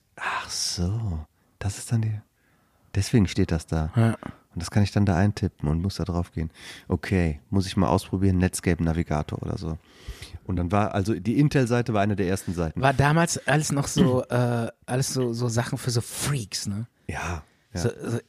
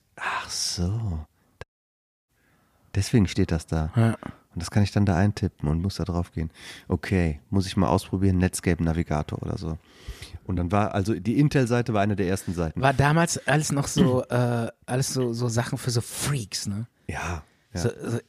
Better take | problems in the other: first | audio cutting out; at 1.5 s for 0.5 s

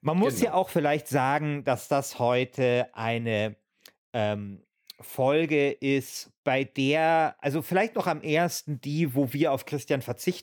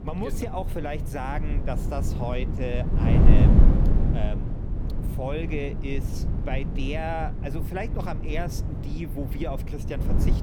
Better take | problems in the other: first | wind noise on the microphone; heavy; 3 dB below the speech

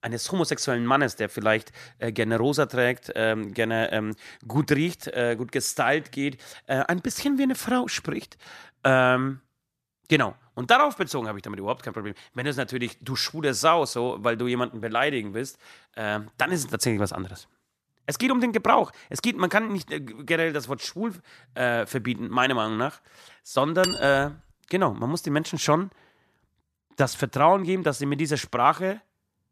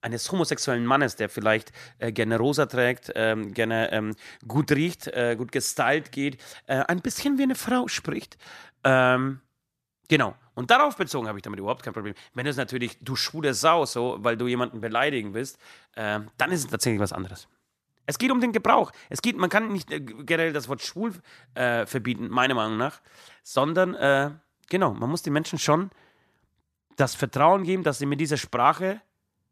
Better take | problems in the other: second | clattering dishes; noticeable; at 24 s; peak 4 dB below the speech

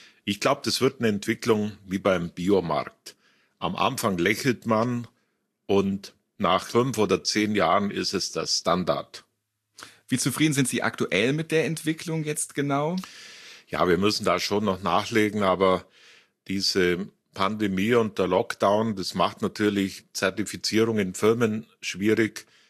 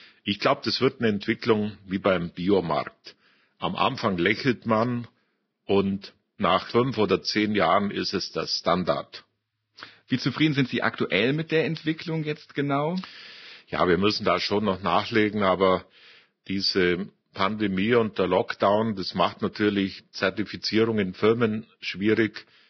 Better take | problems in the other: first | garbled, watery; badly; nothing above 5.5 kHz; slightly in the first

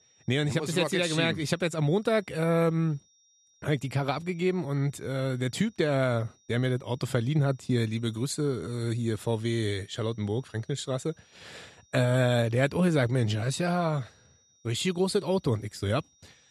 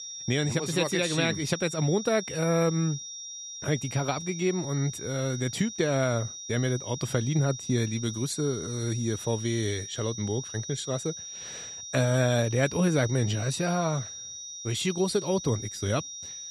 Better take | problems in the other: first | high-pitched whine; loud; throughout; 5.5 kHz, 9 dB below the speech; faint in the first

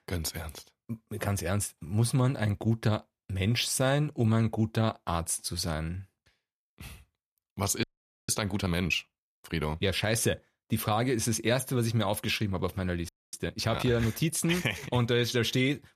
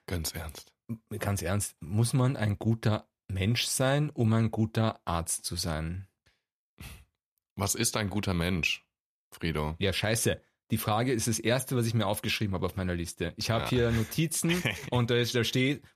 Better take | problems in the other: second | audio freezing; at 8 s and at 13 s

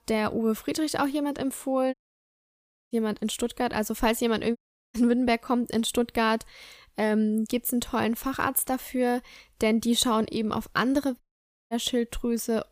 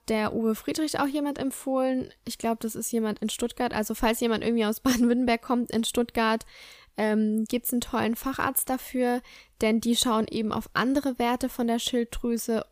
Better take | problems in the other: second | audio cutting out; at 2 s for 1 s, at 4.5 s and at 11 s for 0.5 s

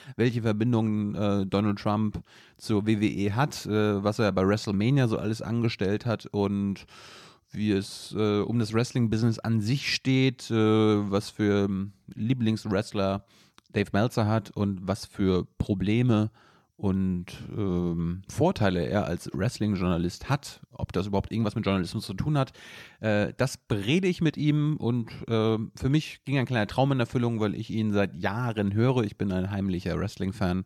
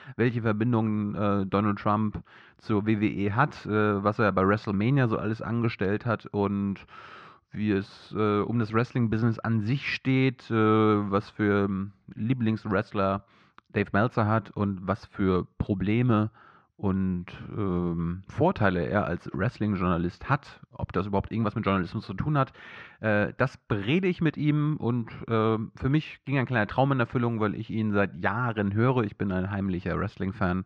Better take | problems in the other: first | muffled; slightly; fading above 2.5 kHz

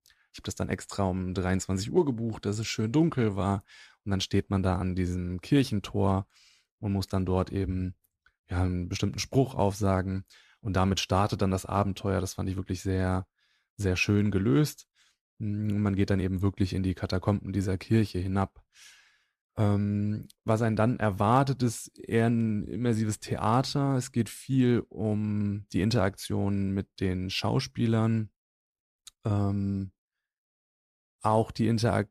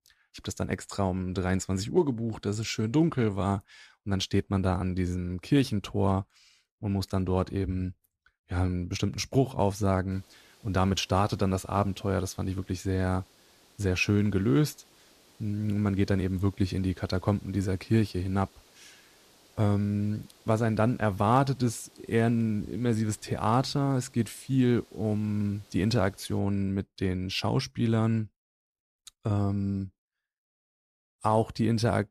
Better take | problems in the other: first | hiss; faint; from 10 to 26 s; 30 dB below the speech

